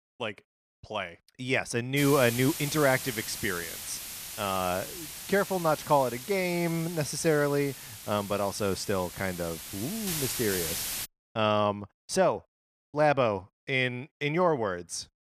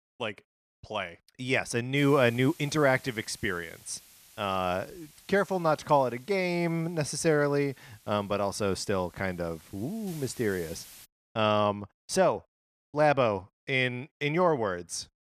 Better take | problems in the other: second | hiss; loud; from 2 to 11 s; 7 dB below the speech; faint in the second

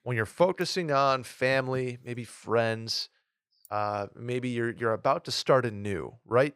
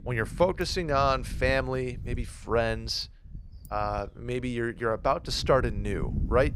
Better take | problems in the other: first | wind noise on the microphone; occasional gusts; 20 dB below the speech

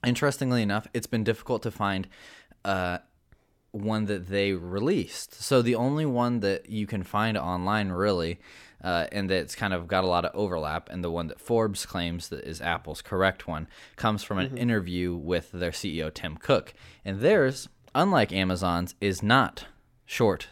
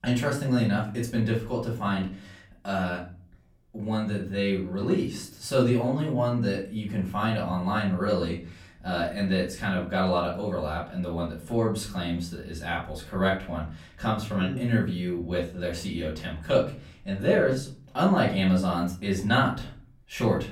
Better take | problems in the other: first | off-mic speech; far // room echo; slight; dies away in 0.4 s

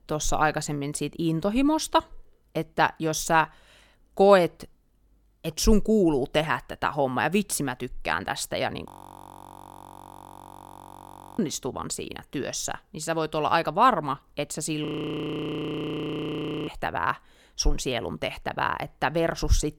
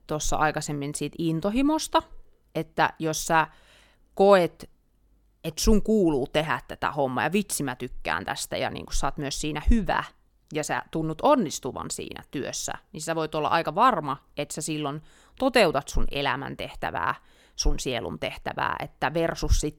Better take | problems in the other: second | audio freezing; at 9 s for 2.5 s and at 15 s for 2 s

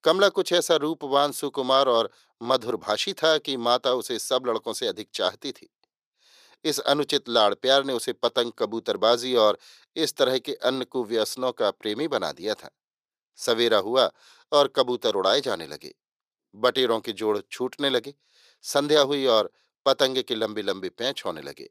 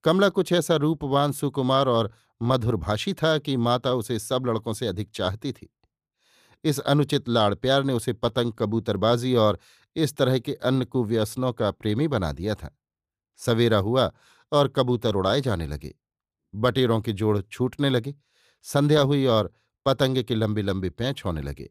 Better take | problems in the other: second | thin; somewhat; fading below 450 Hz

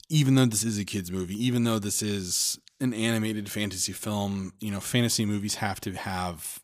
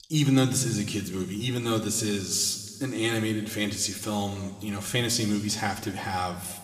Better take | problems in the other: first | room echo; slight; dies away in 1.8 s

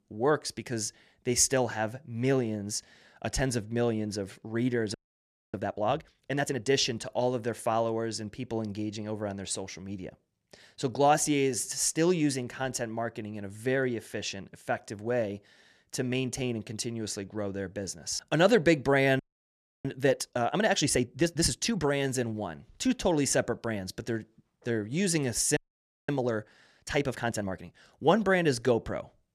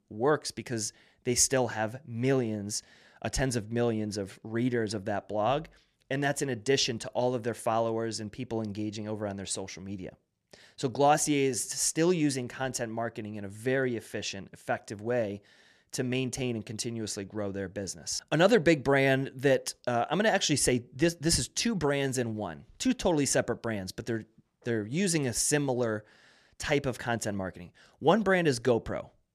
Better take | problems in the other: second | audio freezing; at 5 s for 0.5 s, at 19 s for 0.5 s and at 26 s for 0.5 s

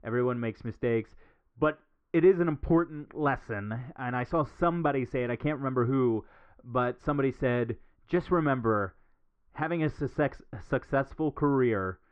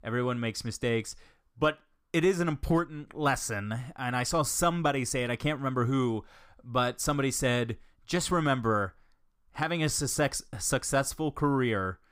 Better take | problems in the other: second | muffled; very; fading above 2 kHz

